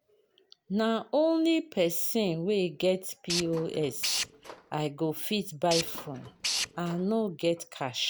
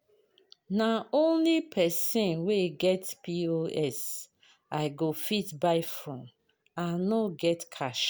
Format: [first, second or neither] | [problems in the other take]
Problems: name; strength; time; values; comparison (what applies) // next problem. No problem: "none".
second | background sound (Tools); 7 dB below the speech